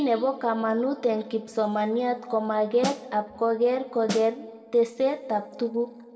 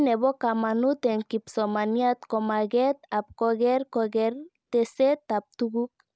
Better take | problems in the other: second | background sound (Snare drum); 9 dB below the speech // room echo; dies away in 1.3 s

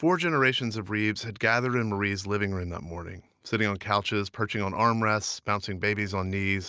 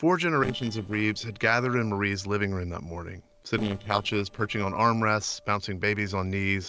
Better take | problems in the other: first | noise reduction (neural separator model SepFormer DNS4)

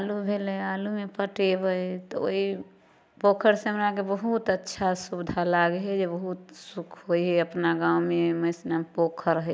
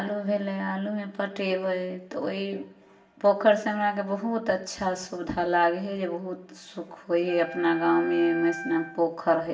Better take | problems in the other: first | background sound (Wind instrument, woodwind instrument); 12 dB below the speech // room echo; dies away in 0.6 s

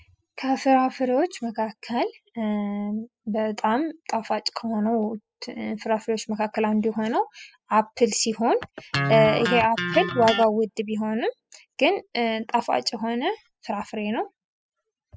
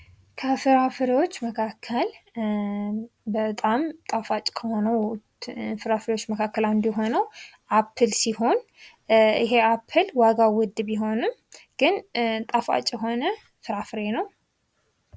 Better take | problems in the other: second | noise reduction (classical method spectral subtraction)

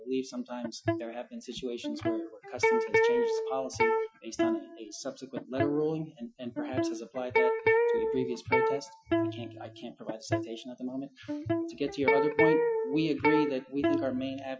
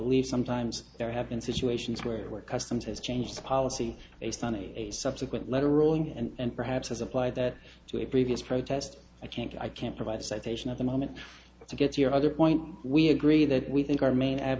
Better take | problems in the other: second | noise reduction (classical method Wiener filter)

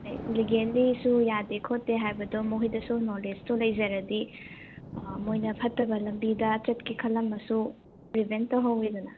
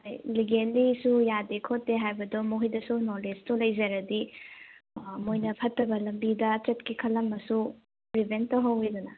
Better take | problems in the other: second | background sound (Thunder); 16 dB below the speech

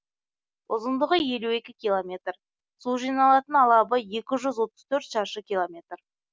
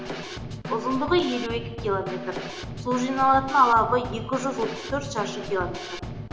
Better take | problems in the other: first | background sound (Snare drum / Drum kit); 9 dB below the speech // room echo; dies away in 0.8 s

